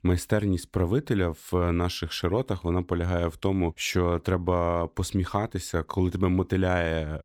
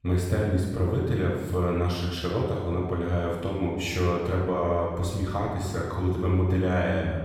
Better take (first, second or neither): first